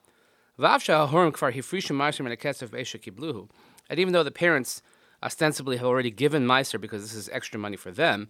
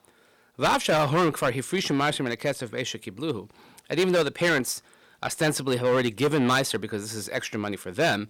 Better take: first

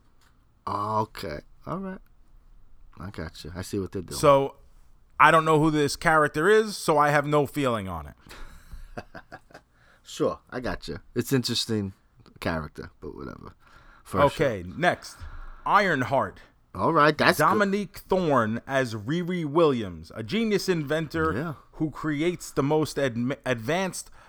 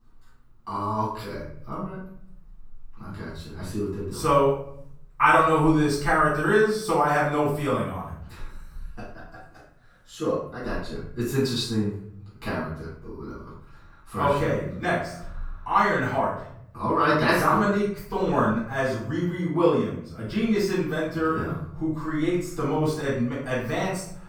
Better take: first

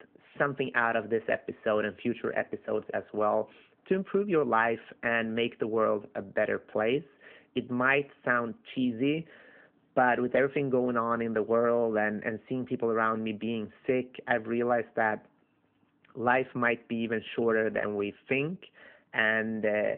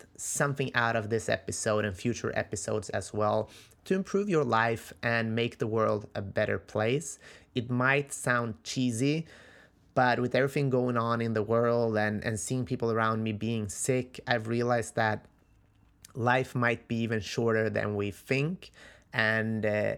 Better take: second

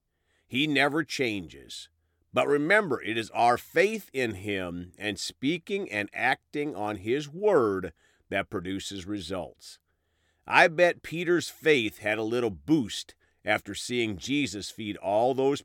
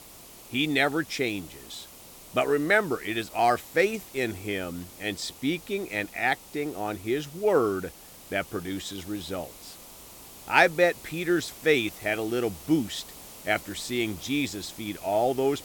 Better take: first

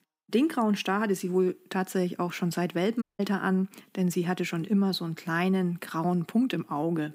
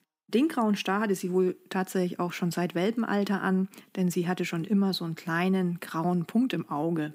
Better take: second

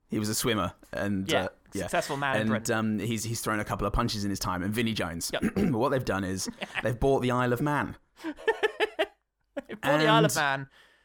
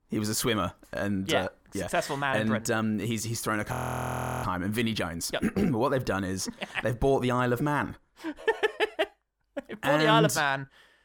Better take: first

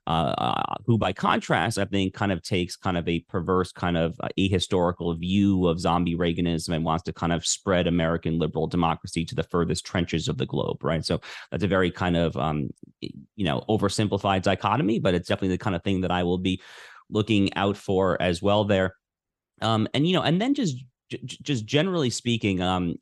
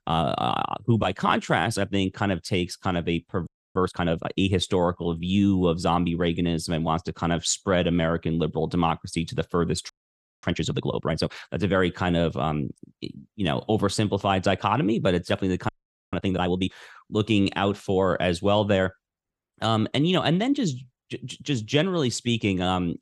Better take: first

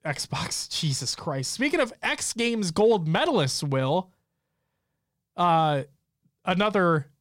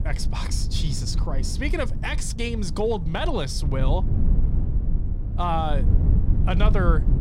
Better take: first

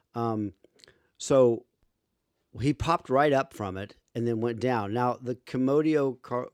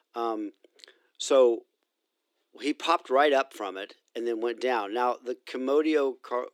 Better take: first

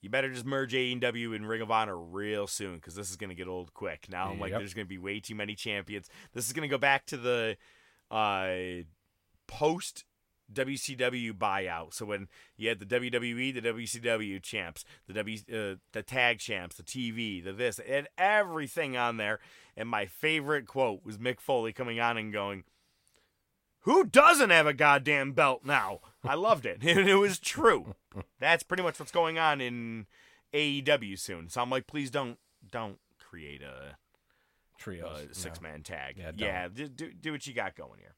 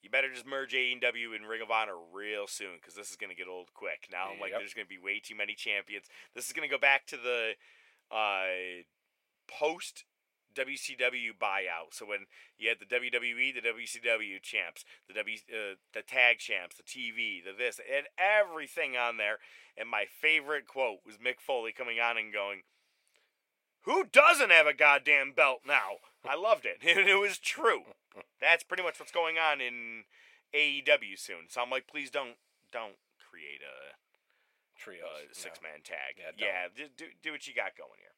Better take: first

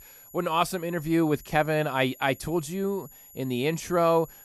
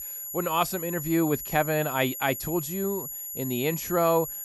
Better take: first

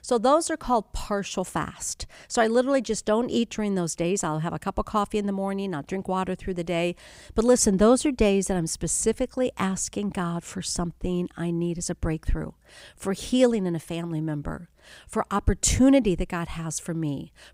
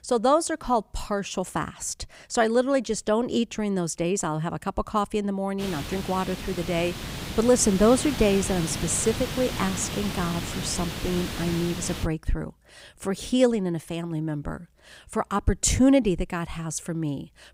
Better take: first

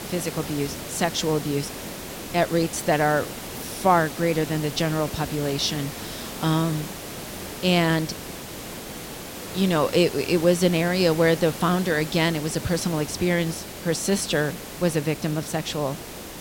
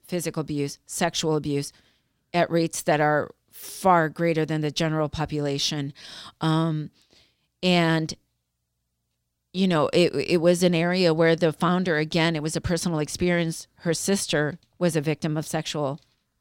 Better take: second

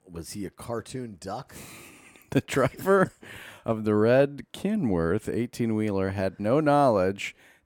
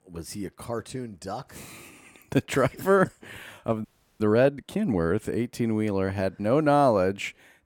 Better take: first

